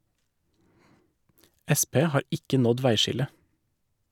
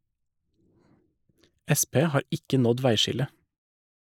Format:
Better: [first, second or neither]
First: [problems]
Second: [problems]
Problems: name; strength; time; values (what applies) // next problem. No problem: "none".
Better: first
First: none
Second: noise reduction (neural mask model Resemble Enhance denoiser)